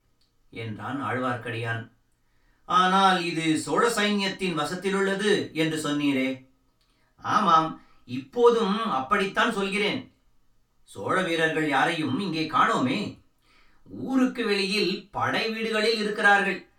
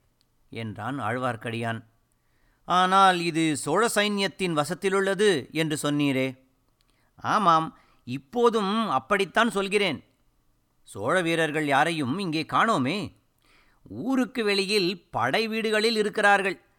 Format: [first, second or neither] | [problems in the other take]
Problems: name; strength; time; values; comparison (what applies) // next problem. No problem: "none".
second | room echo; noticeable; dies away in 0.2 s // off-mic speech; far